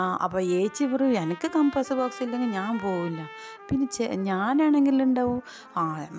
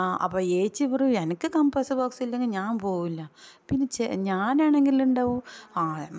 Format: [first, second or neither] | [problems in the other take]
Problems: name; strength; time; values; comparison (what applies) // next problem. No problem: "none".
second | background sound (Trumpet); 19 dB below the speech